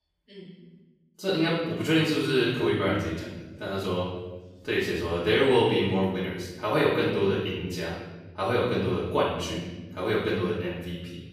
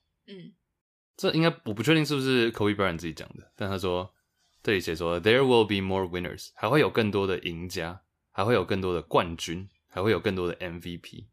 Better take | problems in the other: second | off-mic speech; far // room echo; noticeable; dies away in 1.1 s

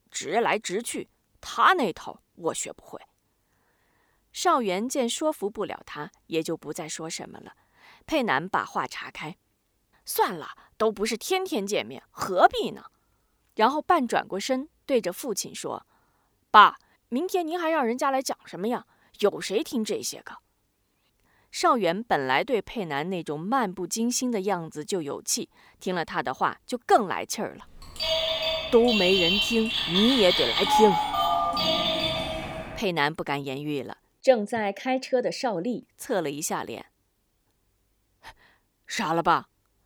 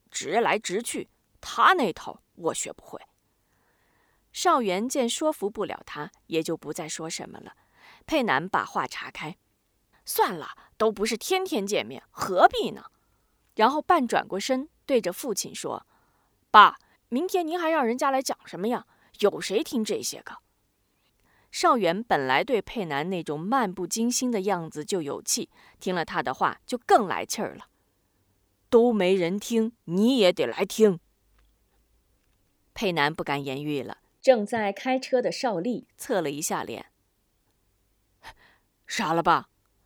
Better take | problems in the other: second | phone ringing; loud; from 28 to 33 s; peak 5 dB above the speech

